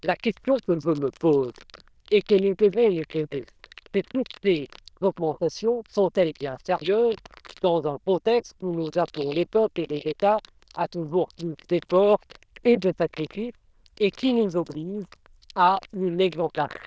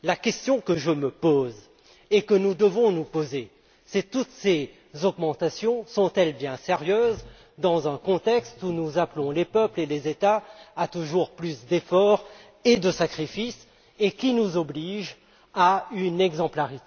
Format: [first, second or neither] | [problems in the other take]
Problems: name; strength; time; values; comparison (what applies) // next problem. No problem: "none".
second | noise reduction (neural diffusion model UNIVERSE++)